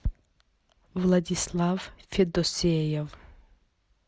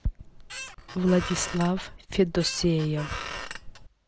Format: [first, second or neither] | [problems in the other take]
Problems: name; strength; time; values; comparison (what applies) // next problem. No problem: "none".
first | background sound (Squeak); 10 dB below the speech